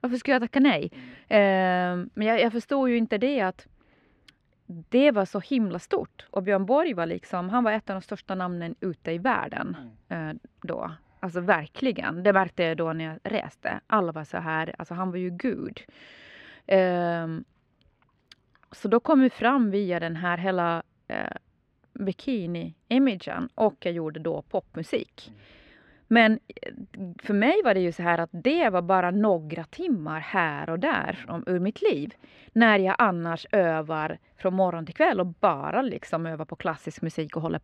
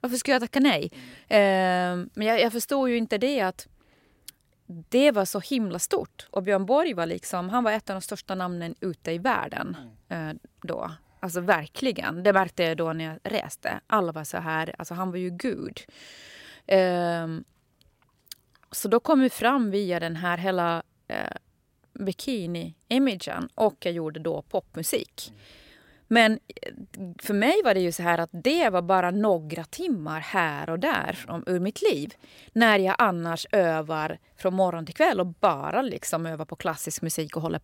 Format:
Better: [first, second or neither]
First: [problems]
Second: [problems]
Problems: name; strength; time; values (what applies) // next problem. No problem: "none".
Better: second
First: muffled; slightly; fading above 2.5 kHz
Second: none